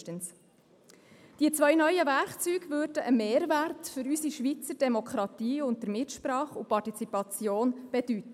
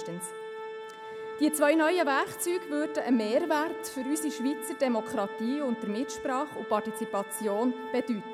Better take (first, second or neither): first